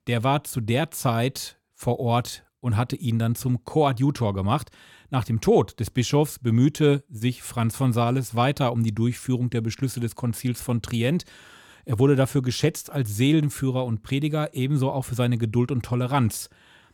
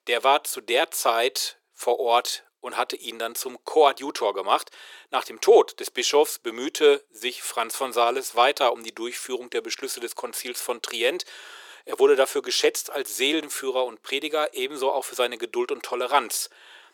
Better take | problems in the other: first | thin; very; fading below 400 Hz

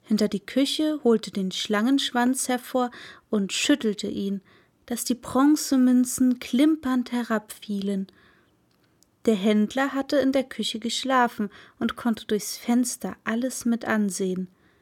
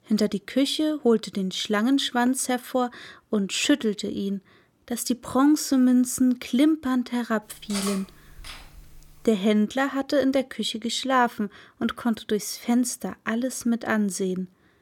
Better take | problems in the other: first | clattering dishes; noticeable; from 7.5 to 9.5 s; peak 7 dB below the speech

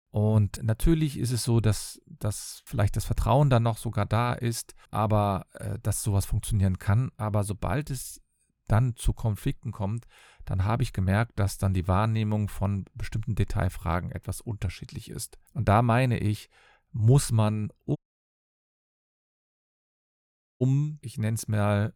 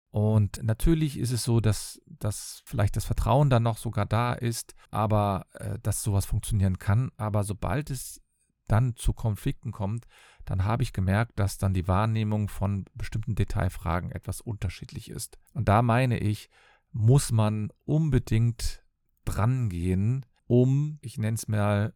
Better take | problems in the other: second | audio cutting out; at 18 s for 2.5 s

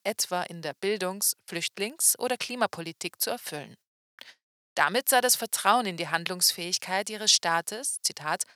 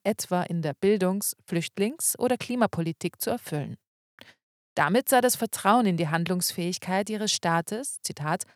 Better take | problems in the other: second | thin; somewhat; fading below 1 kHz

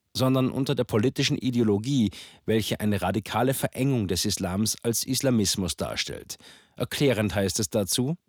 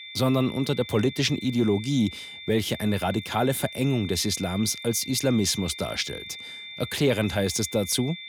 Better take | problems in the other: first | high-pitched whine; noticeable; throughout; 3.5 kHz, 10 dB below the speech

